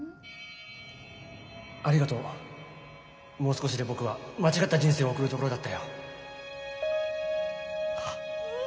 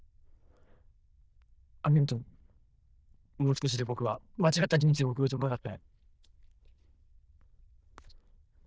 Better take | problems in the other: first | noise reduction (neural diffusion model UNIVERSE++)

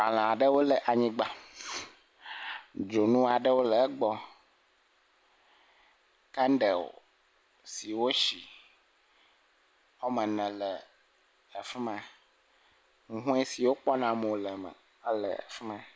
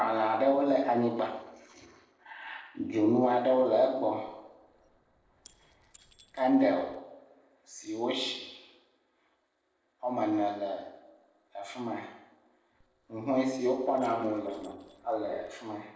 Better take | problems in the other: first | noise reduction (neural separator model SepFormer DNS4)

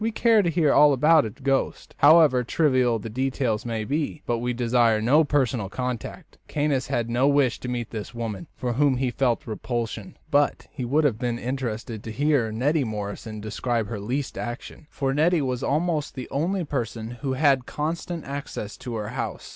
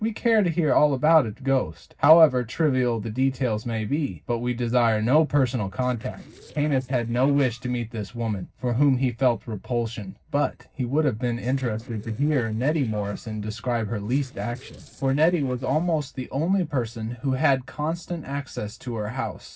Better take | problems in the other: first | noise reduction (neural separator model SepFormer DNS4)

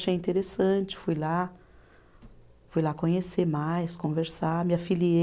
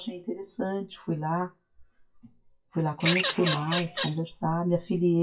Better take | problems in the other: first | noise reduction (classical method WPE with log-MMSE)

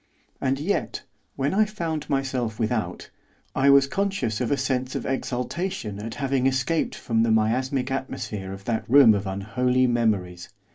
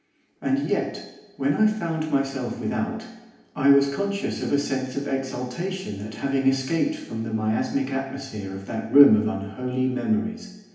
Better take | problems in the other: first | room echo; dies away in 0.9 s

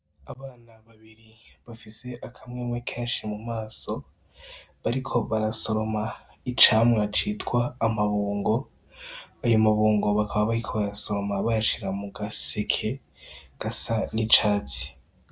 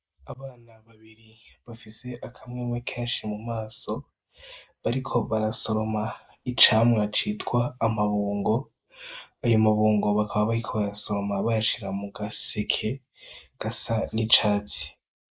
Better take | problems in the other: first | noise reduction (neural mask model Resemble Enhance denoiser)

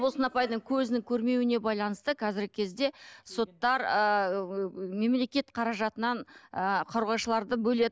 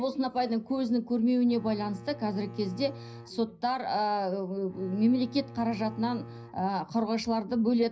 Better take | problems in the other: first | background sound (Bowed string instrument); 17 dB below the speech // room echo; dies away in 0.4 s

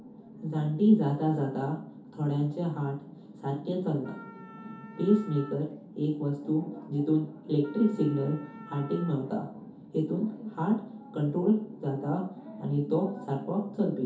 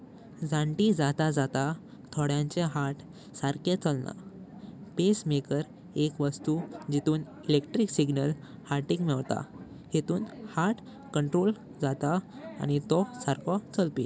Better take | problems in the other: second | background sound (Wind instrument, woodwind instrument); 20 dB below the speech // room echo; dies away in 0.5 s

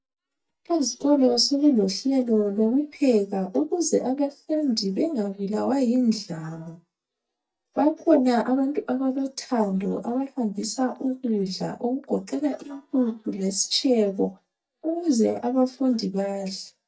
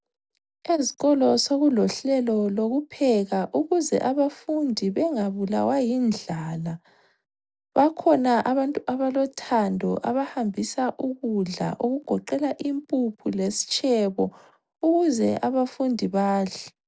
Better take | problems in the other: second | noise reduction (neural mask model DeepFilterNet 3)

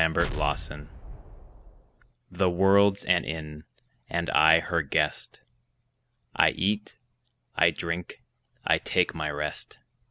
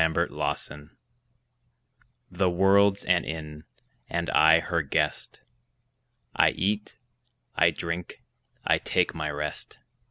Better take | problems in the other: second | background sound (Explosion); 8 dB below the speech

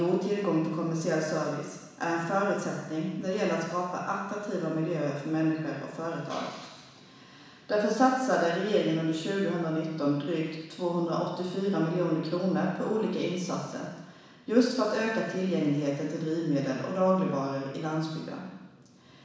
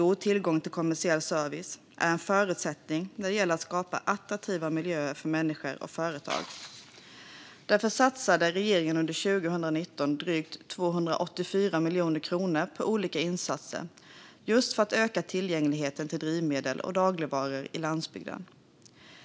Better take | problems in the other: second | room echo; dies away in 1.1 s

